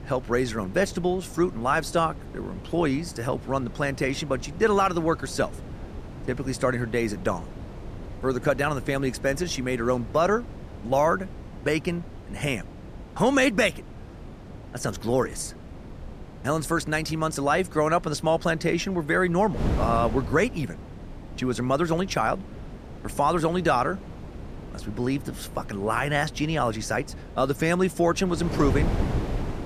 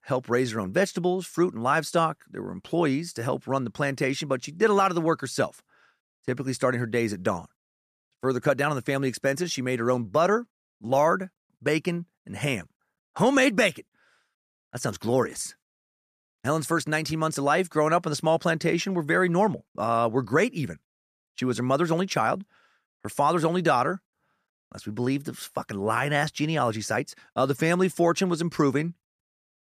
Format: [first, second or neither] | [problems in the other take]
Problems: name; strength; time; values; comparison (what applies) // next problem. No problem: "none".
second | wind noise on the microphone; occasional gusts; 15 dB below the speech